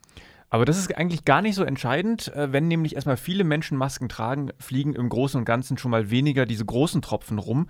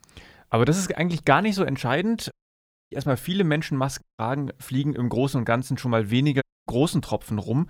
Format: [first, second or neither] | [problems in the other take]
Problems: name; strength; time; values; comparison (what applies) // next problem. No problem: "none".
first | audio cutting out; at 2.5 s for 0.5 s, at 4 s and at 6.5 s